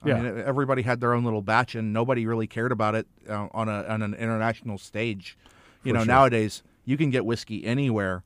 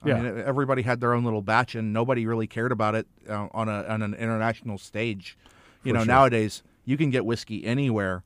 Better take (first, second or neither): neither